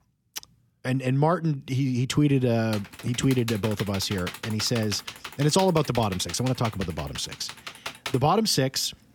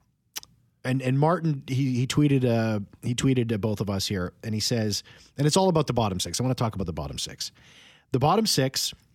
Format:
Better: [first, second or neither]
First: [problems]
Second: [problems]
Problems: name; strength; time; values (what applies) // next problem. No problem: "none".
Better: second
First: keyboard typing; noticeable; from 2.5 to 8 s; peak 9 dB below the speech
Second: none